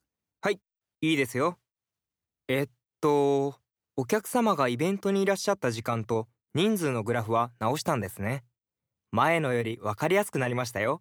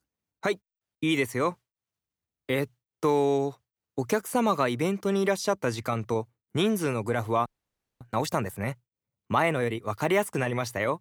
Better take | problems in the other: first | audio freezing; at 7.5 s for 0.5 s

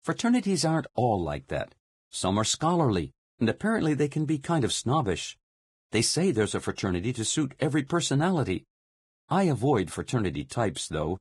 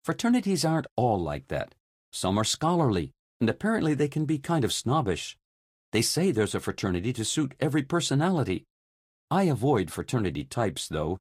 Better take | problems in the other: second | garbled, watery; badly; nothing above 10.5 kHz; slightly in the second

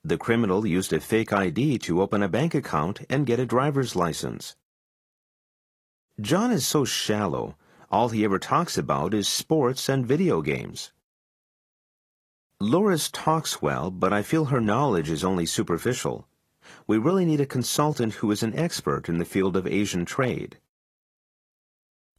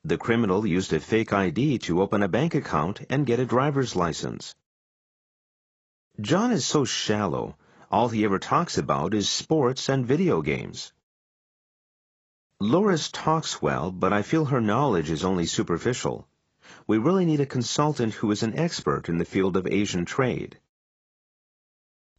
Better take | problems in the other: first | garbled, watery; badly; nothing above 7.5 kHz; slightly in the first

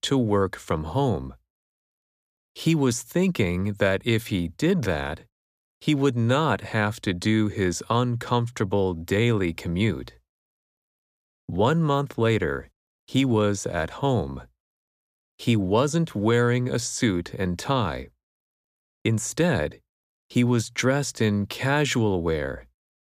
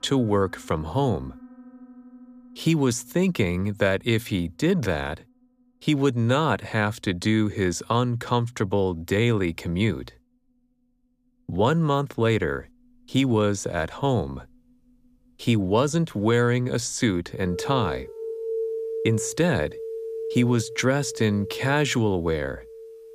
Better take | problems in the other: first | background music; noticeable; throughout; 10 dB below the speech

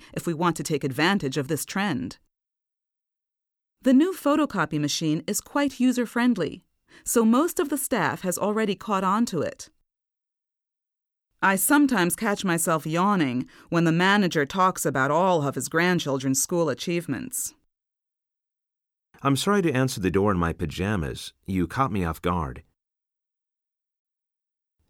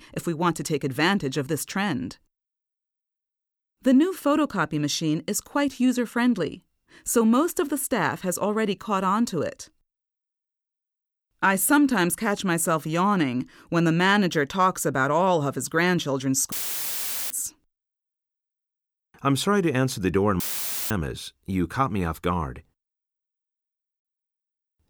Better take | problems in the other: first | audio cutting out; filled with static; at 17 s for 1 s and at 20 s for 0.5 s

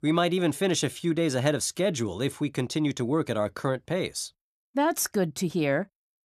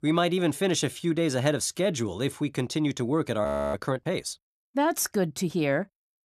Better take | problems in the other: first | audio freezing; at 3.5 s

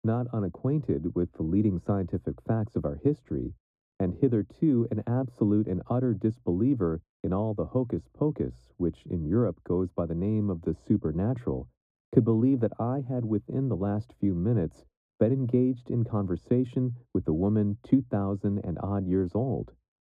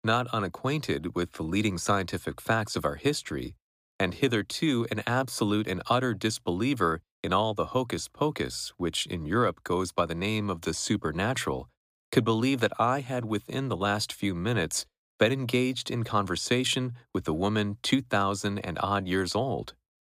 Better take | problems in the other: second | muffled; very; fading above 1 kHz

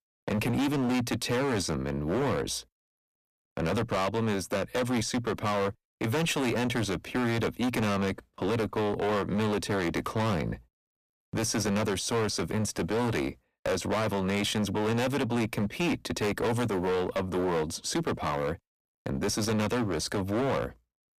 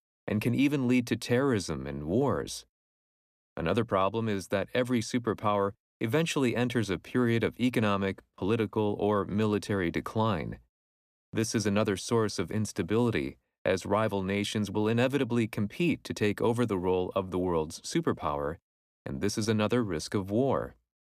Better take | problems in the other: second | distortion; heavy; 23% of the sound clipped

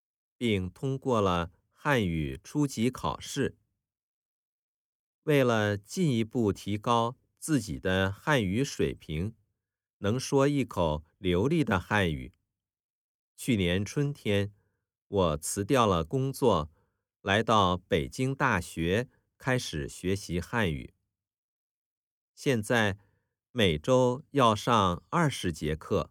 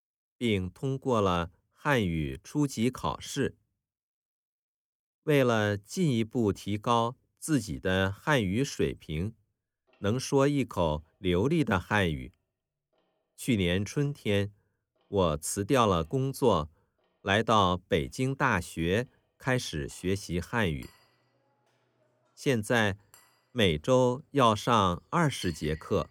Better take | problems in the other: first | household noises; faint; from 9.5 s on; 30 dB below the speech

